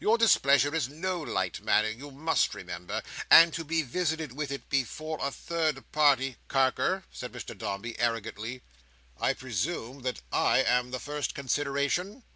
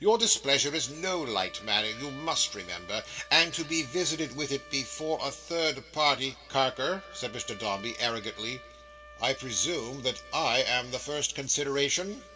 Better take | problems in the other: first | background sound (Trumpet); 20 dB below the speech // room echo; dies away in 1.3 s

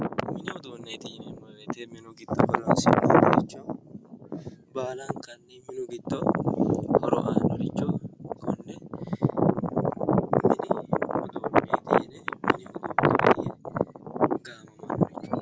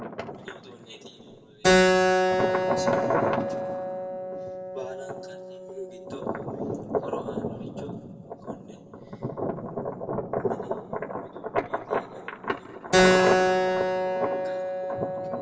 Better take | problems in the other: first | background sound (Keyboard (musical)); 4 dB above the speech // room echo; dies away in 1.6 s

